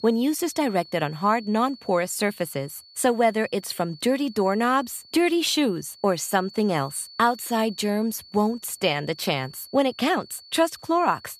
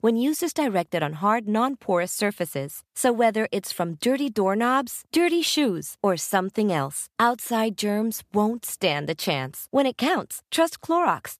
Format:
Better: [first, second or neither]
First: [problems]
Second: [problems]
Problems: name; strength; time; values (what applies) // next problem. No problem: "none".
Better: second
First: high-pitched whine; faint; throughout; 4.5 kHz, 20 dB below the speech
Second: none